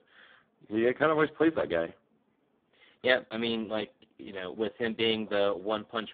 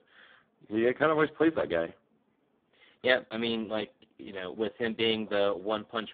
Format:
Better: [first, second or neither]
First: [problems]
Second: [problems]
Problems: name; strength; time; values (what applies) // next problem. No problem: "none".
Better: neither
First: phone-call audio; poor line; nothing above 3.5 kHz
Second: phone-call audio; poor line; nothing above 3.5 kHz